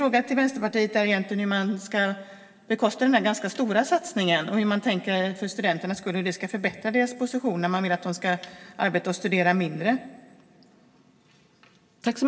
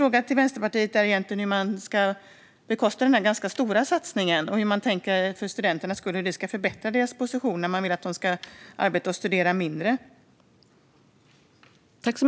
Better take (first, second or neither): second